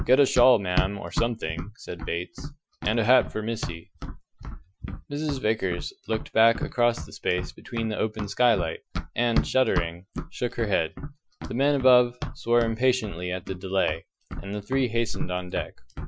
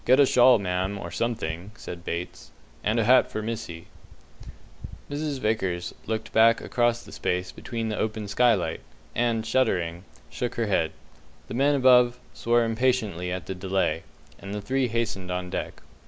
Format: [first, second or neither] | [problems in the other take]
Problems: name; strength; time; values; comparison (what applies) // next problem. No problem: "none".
second | noise reduction (classical method Wiener filter)